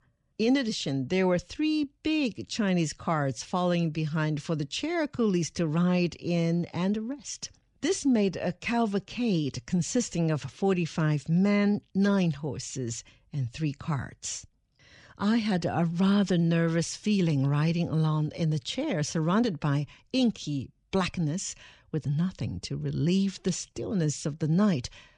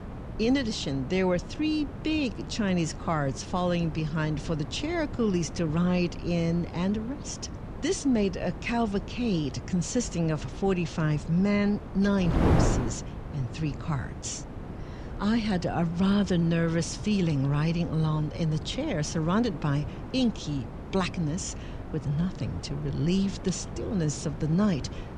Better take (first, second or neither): first